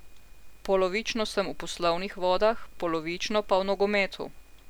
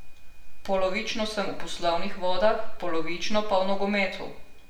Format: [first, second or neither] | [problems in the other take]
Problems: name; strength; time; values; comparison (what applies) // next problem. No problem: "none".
first | room echo; dies away in 0.6 s